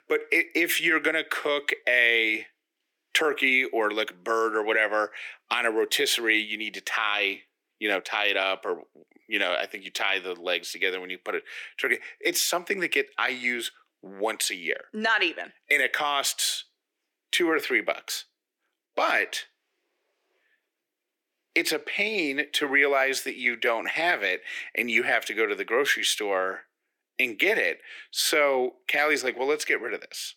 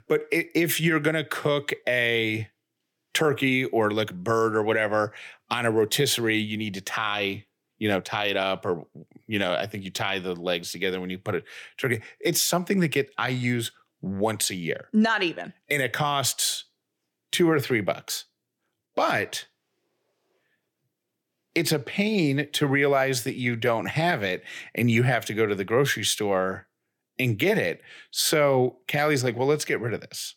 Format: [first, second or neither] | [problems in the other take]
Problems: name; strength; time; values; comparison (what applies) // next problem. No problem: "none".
second | thin; somewhat; fading below 300 Hz